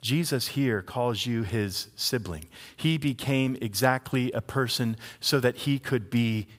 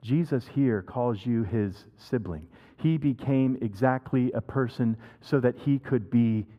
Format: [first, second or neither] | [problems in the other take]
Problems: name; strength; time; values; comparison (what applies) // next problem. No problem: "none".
first | muffled; very; fading above 2.5 kHz